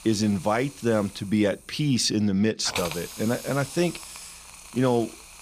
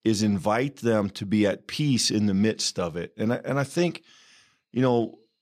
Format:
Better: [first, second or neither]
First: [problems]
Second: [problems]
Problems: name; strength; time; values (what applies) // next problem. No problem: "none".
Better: second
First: hiss; noticeable; throughout; 15 dB below the speech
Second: none